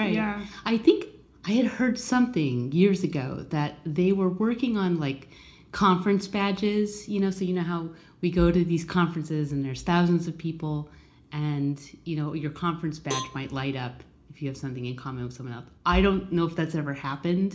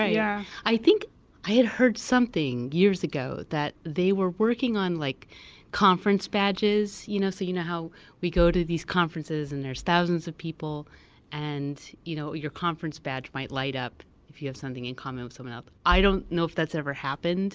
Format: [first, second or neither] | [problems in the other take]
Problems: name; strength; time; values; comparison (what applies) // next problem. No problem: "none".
second | background sound (Cowbell); 14 dB below the speech // room echo; dies away in 0.4 s